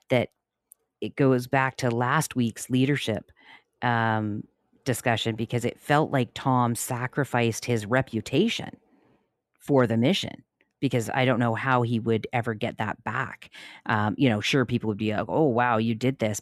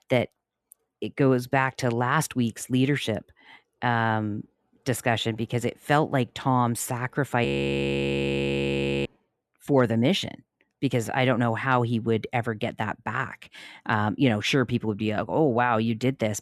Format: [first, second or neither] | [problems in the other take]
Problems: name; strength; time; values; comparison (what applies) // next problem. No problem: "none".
first | audio freezing; at 7.5 s for 1.5 s